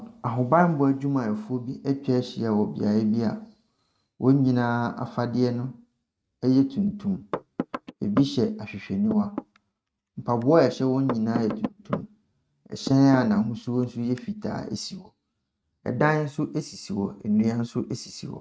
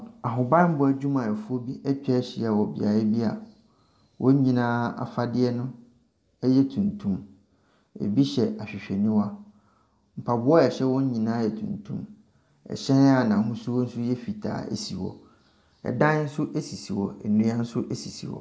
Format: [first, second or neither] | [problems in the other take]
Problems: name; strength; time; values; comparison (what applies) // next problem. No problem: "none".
second | noise reduction (neural mask model RNNoise)